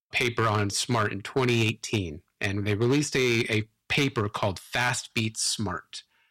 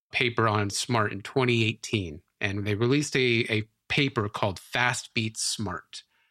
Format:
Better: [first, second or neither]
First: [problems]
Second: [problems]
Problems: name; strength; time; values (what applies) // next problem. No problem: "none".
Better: second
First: distortion; slight; 3% of the sound clipped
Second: none